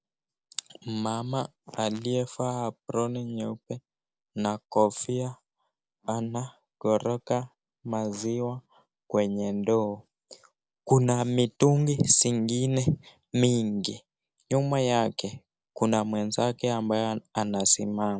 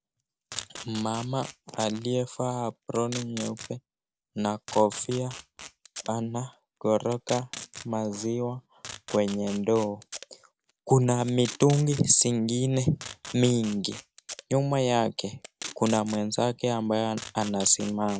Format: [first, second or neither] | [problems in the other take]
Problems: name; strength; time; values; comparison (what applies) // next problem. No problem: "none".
first | background sound (Packing tape, duct tape); 17 dB below the speech